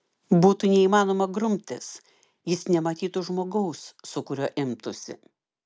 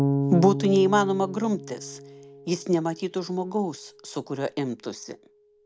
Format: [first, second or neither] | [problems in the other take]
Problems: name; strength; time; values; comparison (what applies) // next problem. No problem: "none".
first | background sound (Bass guitar); 7 dB below the speech